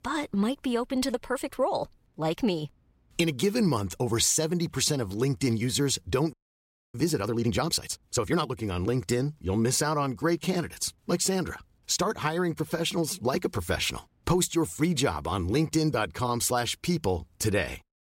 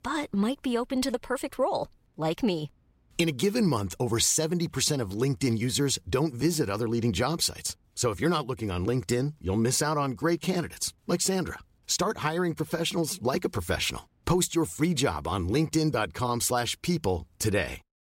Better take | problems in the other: second | audio freezing; at 6.5 s for 0.5 s

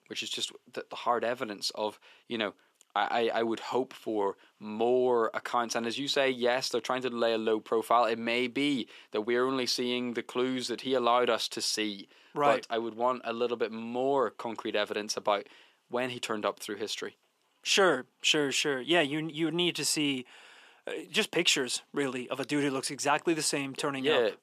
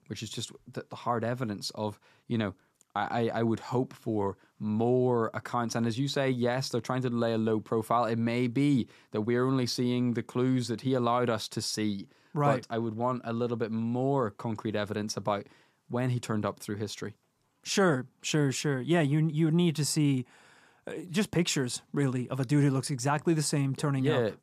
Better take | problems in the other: second | thin; somewhat; fading below 400 Hz

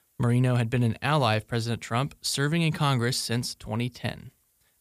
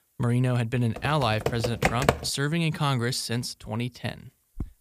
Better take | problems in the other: first | keyboard typing; loud; from 1 to 2 s; peak 3 dB above the speech // footsteps; faint; at 4.5 s; peak 15 dB below the speech

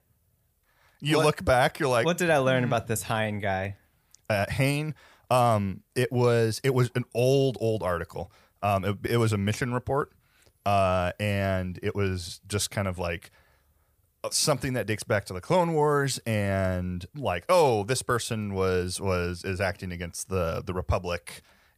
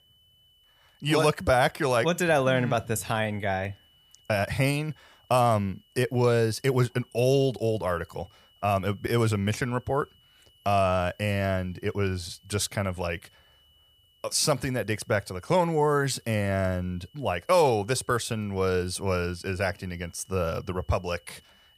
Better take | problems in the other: first | high-pitched whine; faint; throughout; 3 kHz, 35 dB below the speech

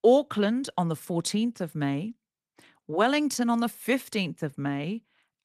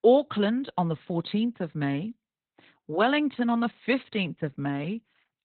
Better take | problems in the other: first | garbled, watery; badly; nothing above 4 kHz; slightly in the first

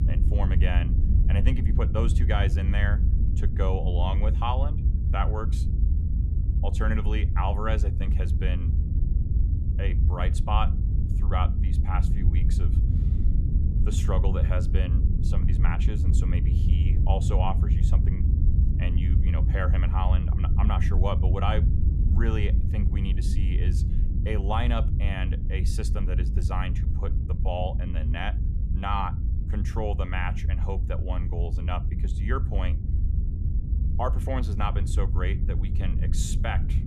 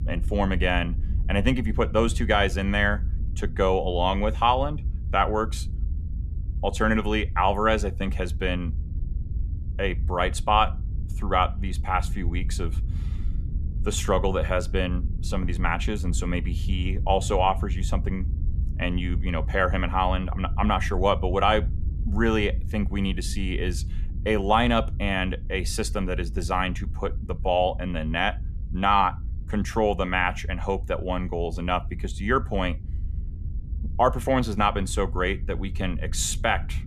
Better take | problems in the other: second | low rumble; loud; throughout; 7 dB below the speech; faint in the second

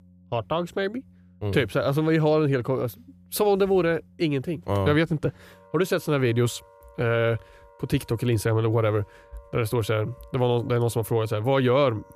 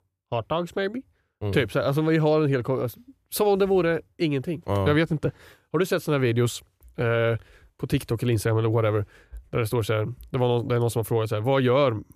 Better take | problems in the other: second | background music; faint; throughout; 30 dB below the speech

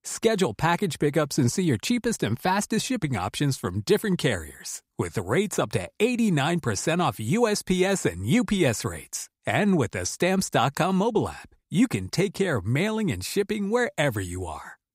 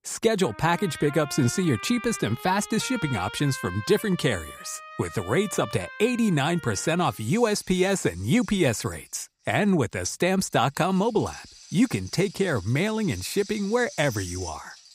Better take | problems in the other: first | background music; noticeable; throughout; 15 dB below the speech

